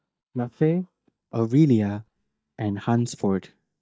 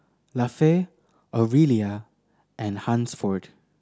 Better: second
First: noise reduction (neural mask model DeepFilterNet 3)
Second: none

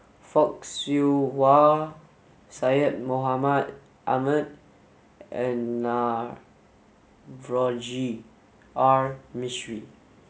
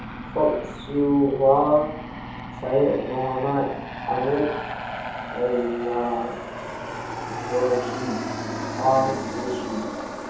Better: first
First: none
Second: background sound (Aircraft); 8 dB below the speech // room echo; dies away in 0.7 s

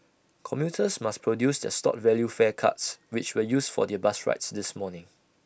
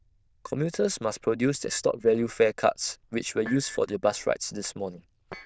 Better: first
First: none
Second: noise reduction (neural diffusion model UNIVERSE++)

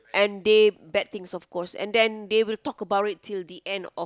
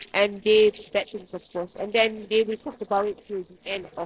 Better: first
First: none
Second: noise reduction (neural separator model SepFormer DNS4)

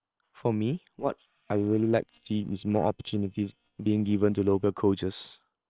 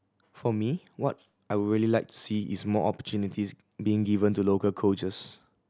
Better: second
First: noise reduction (neural separator model SepFormer WHAM!)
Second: none

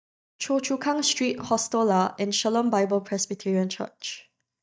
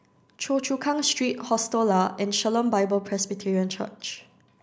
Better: second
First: noise reduction (neural mask model DeepFilterNet 3)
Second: none

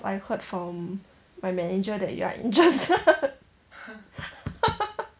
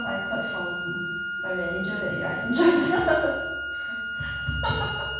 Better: first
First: none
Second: background sound (Wind instrument, woodwind instrument); 4 dB below the speech // room echo; dies away in 1.2 s

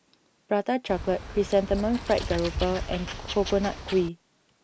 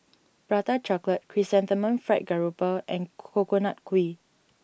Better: second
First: background sound (Wild animals); 7 dB below the speech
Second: none

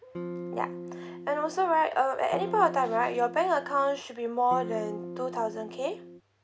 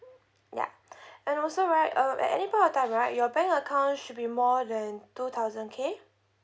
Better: second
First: background sound (Electric guitar / Strum); 10 dB below the speech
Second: none

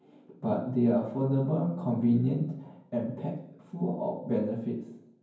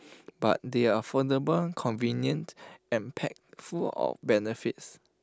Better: second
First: room echo; dies away in 0.9 s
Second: none

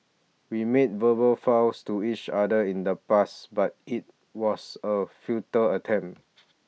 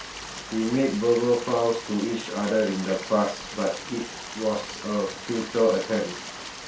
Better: first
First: none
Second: background sound (Stream); 11 dB below the speech // room echo; dies away in 0.3 s

